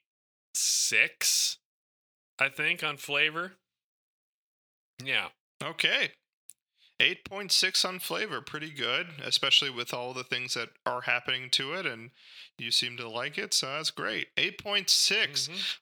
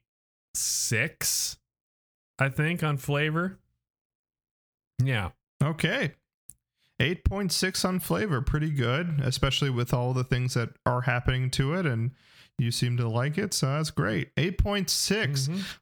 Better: second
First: thin; very; fading below 350 Hz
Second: none

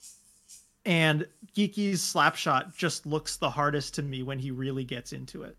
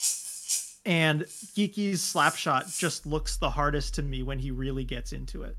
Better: first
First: background music; faint; throughout; 30 dB below the speech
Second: background music; loud; throughout; 7 dB below the speech

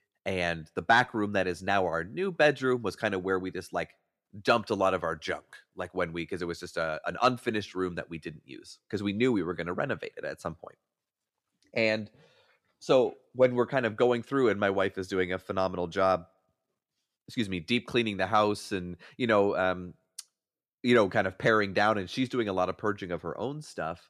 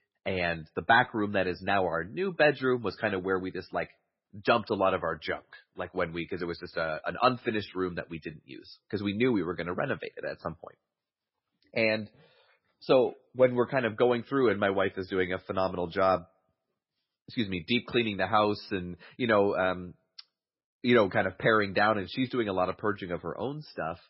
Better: first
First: none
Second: garbled, watery; badly; nothing above 5.5 kHz

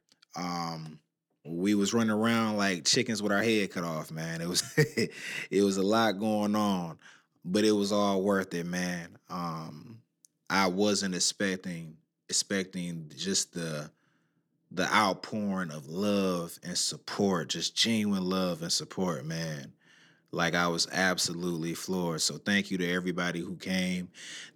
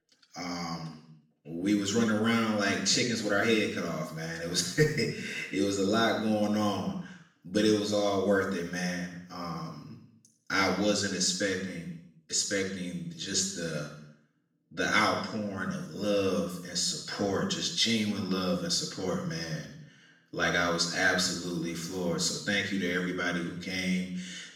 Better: first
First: none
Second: room echo; noticeable; dies away in 0.7 s // off-mic speech; far

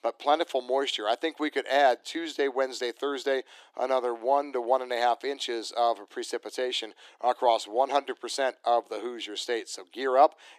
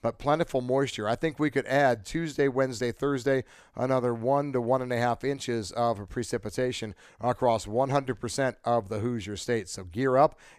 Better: second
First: thin; somewhat; fading below 300 Hz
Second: none

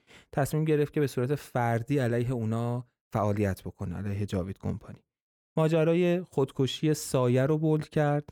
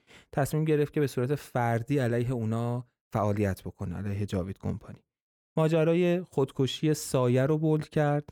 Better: neither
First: none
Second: none

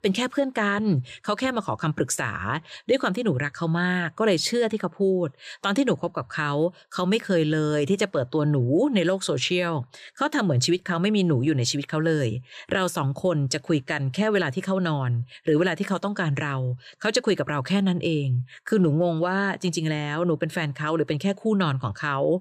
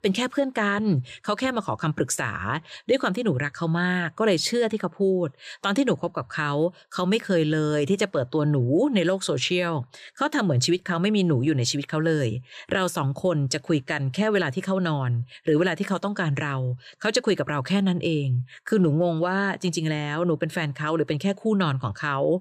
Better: neither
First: none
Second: none

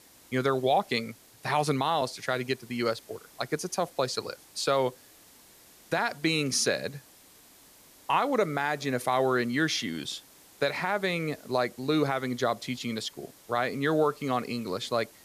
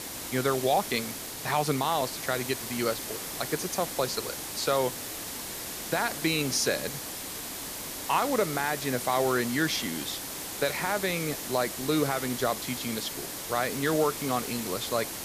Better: first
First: hiss; faint; throughout; 25 dB below the speech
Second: hiss; loud; throughout; 5 dB below the speech

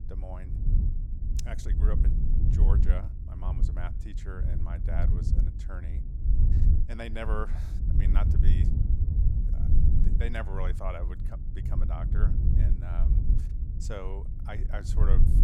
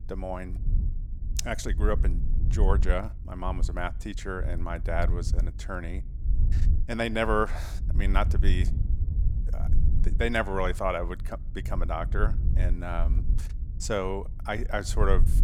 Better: second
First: wind noise on the microphone; heavy; 4 dB below the speech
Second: wind noise on the microphone; occasional gusts; 15 dB below the speech

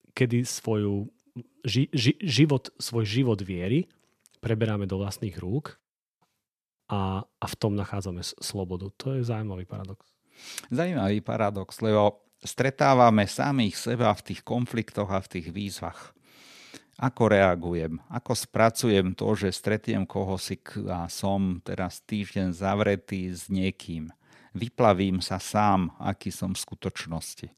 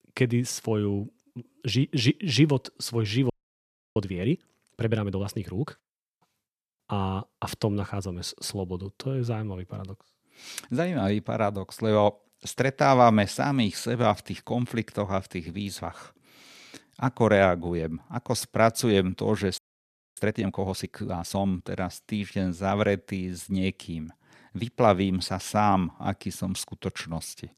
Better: first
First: none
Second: audio freezing; at 3.5 s for 0.5 s and at 20 s for 0.5 s

